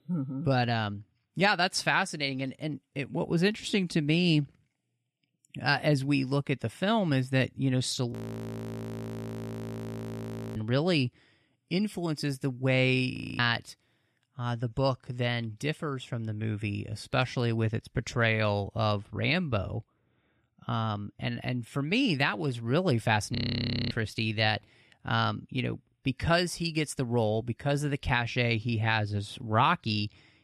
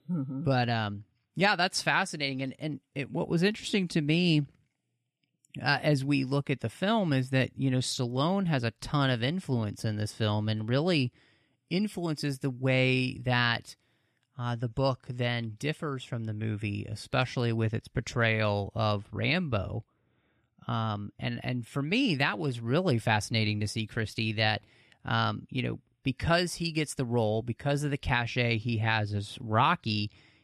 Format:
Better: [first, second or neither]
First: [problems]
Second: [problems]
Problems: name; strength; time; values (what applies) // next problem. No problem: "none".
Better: second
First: audio freezing; at 8 s for 2.5 s, at 13 s and at 23 s for 0.5 s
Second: none